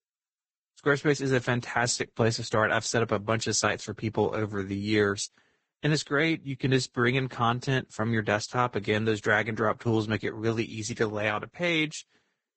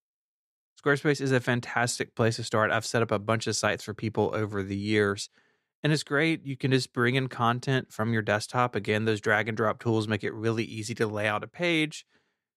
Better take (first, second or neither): second